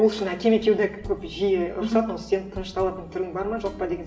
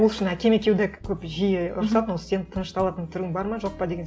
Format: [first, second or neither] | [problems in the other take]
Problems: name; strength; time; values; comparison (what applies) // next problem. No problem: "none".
second | room echo; dies away in 0.8 s